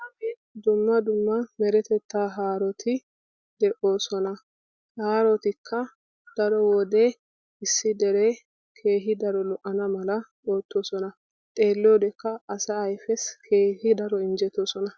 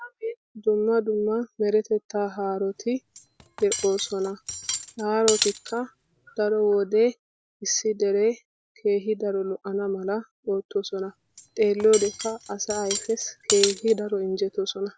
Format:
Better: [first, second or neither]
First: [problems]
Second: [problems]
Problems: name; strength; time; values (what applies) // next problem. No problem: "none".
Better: first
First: none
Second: background sound (Cutlery, silverware); 8 dB below the speech